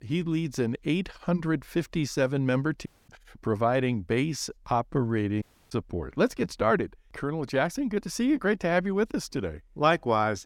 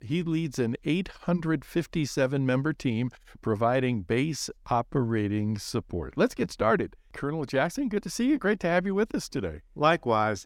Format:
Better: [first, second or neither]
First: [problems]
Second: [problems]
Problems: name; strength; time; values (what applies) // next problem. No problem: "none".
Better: second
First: audio cutting out; at 3 s and at 5.5 s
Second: none